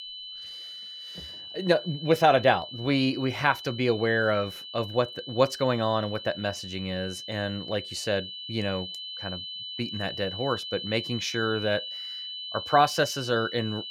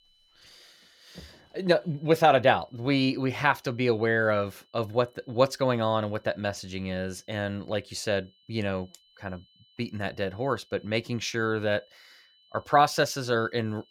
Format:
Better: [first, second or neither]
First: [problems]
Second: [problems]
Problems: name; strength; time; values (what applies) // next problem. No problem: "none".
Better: second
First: high-pitched whine; loud; throughout; 3 kHz, 9 dB below the speech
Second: high-pitched whine; faint; throughout; 3 kHz, 35 dB below the speech